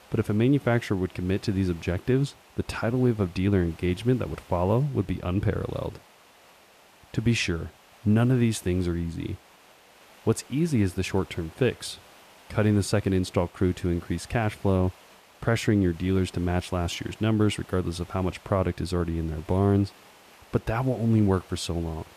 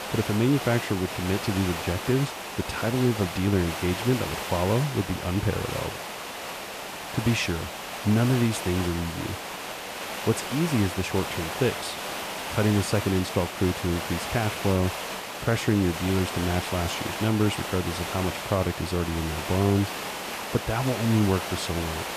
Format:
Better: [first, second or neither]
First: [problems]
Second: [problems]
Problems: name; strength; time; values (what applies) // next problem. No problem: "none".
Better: first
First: hiss; faint; throughout; 25 dB below the speech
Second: hiss; loud; throughout; 5 dB below the speech